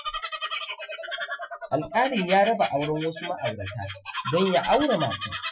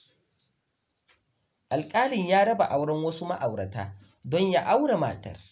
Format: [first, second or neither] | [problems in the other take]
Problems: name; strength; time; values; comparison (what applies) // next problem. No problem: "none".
second | noise reduction (classical method Wiener filter)